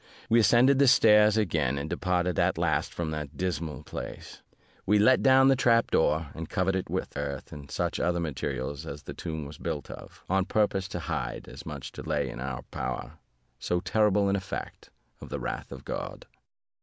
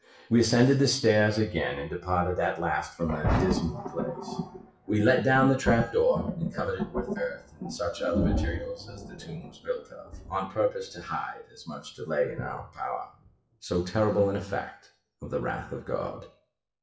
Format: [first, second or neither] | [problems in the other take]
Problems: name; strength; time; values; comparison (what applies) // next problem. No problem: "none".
first | noise reduction (classical method WPE with log-MMSE)